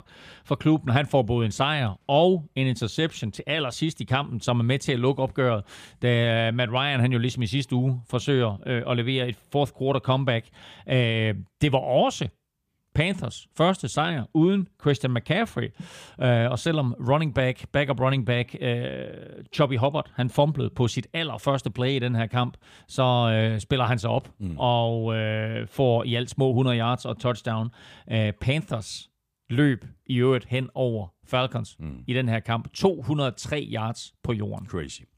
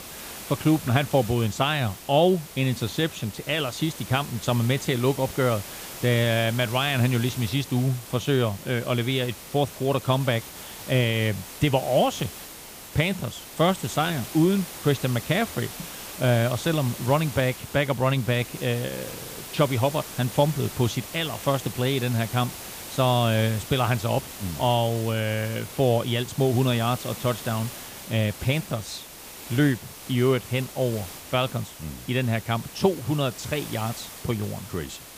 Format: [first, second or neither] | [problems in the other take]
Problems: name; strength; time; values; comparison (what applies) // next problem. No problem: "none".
first | hiss; noticeable; throughout; 10 dB below the speech